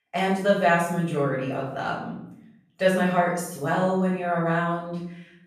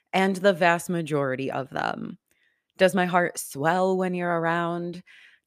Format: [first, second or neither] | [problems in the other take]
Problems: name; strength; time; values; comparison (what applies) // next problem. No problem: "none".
second | off-mic speech; far // room echo; noticeable; dies away in 0.7 s